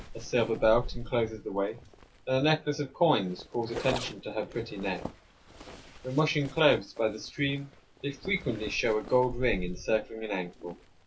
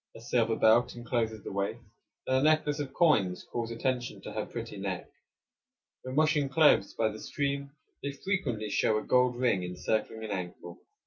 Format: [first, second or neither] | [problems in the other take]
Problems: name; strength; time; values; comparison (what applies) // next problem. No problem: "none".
second | background sound (Zipper (clothing)); 12 dB below the speech